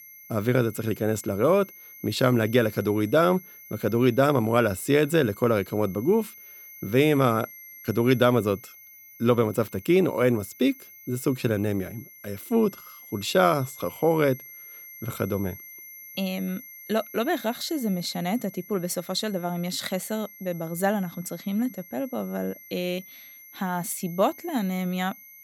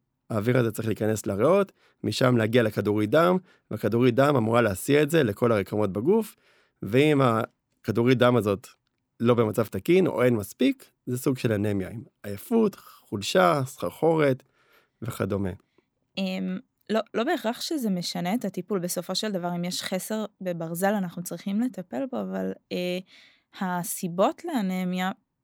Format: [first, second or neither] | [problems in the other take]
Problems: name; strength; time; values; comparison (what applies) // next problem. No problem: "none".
second | high-pitched whine; noticeable; throughout; 11.5 kHz, 20 dB below the speech